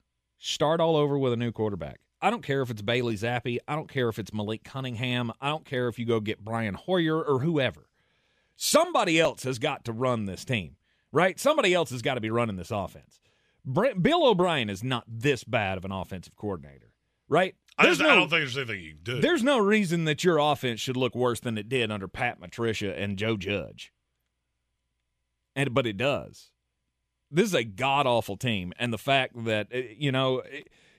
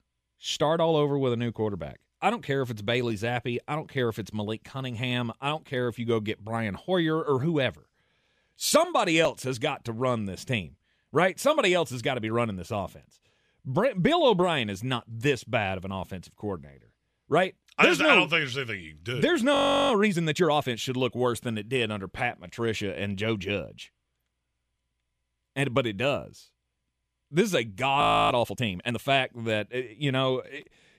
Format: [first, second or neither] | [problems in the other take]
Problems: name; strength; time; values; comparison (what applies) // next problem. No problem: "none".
first | audio freezing; at 20 s and at 28 s